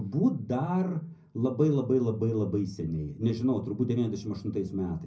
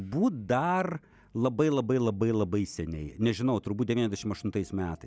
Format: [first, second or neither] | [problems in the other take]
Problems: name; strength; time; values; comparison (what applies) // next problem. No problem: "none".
second | room echo; dies away in 0.4 s